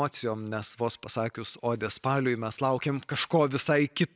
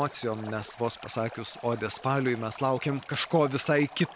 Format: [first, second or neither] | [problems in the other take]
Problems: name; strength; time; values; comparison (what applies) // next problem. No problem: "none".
first | background sound (Stream); 17 dB below the speech